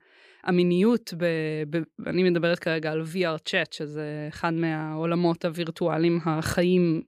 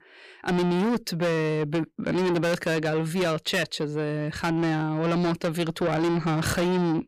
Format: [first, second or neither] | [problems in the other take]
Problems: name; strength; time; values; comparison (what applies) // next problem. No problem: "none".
first | distortion; heavy; 6 dB below the speech